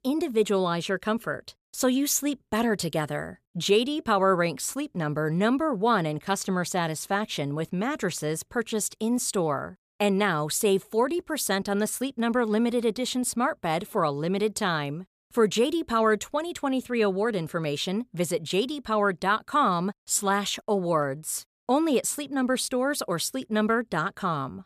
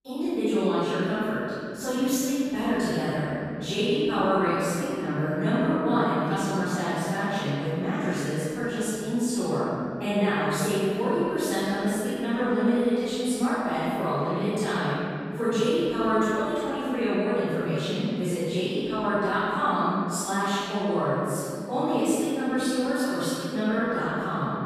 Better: first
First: none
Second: off-mic speech; far // room echo; strong; dies away in 3 s

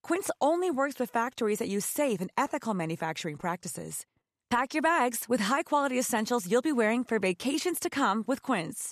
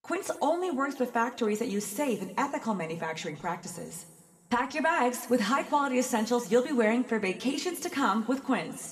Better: first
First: none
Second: room echo; slight; dies away in 2 s

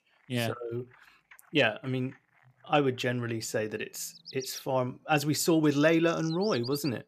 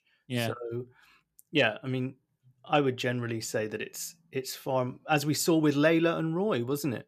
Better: second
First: animal sounds; noticeable; throughout; 15 dB below the speech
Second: none

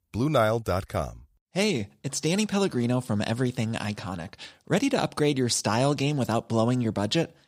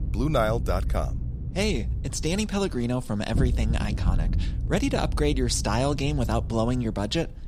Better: first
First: none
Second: low rumble; noticeable; throughout; 15 dB below the speech

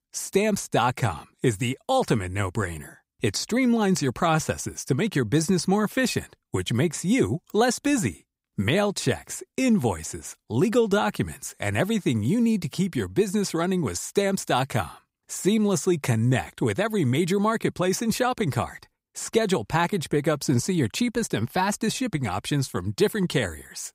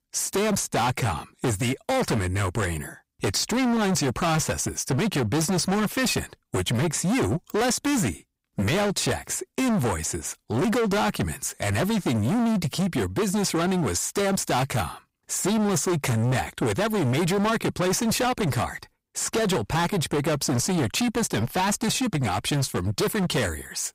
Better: first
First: none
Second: distortion; heavy; 28% of the sound clipped

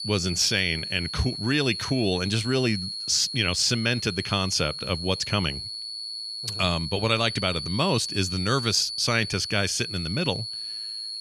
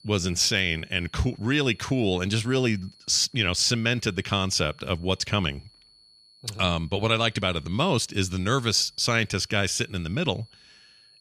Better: second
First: high-pitched whine; loud; throughout; 4.5 kHz, 6 dB below the speech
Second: high-pitched whine; faint; throughout; 4.5 kHz, 30 dB below the speech

